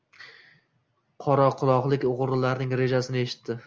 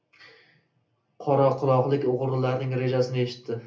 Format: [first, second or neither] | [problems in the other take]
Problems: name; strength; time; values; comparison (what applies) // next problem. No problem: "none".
first | room echo; dies away in 0.3 s